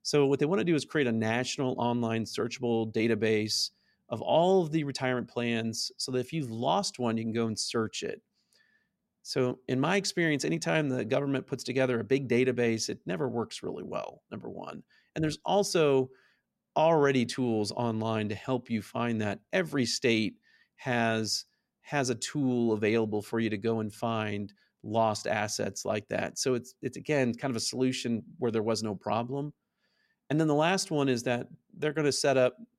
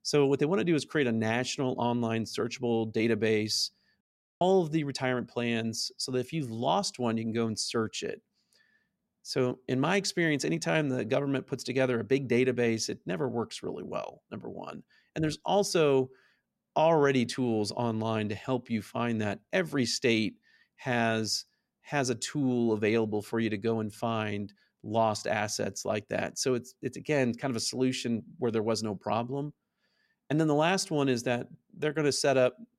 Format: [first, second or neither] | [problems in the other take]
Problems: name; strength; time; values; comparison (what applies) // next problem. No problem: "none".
first | audio cutting out; at 4 s